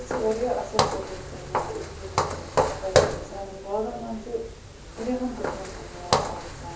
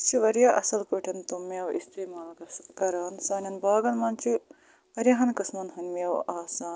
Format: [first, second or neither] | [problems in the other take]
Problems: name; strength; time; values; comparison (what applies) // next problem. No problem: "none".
second | background sound (Walk, footsteps); 4 dB above the speech // room echo; dies away in 0.7 s